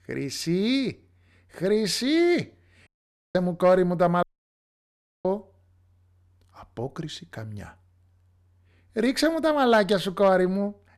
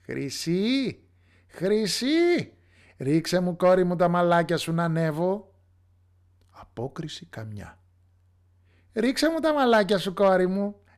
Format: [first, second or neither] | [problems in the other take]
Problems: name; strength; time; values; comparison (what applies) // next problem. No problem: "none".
second | audio cutting out; at 3 s and at 4 s for 1 s